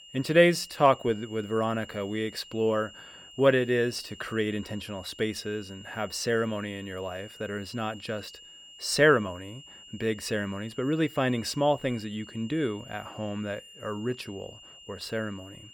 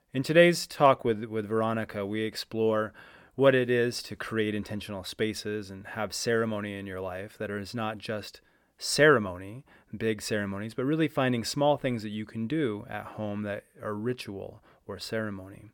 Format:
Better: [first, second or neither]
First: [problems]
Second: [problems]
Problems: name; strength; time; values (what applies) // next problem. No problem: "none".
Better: second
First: high-pitched whine; noticeable; throughout; 3 kHz, 20 dB below the speech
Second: none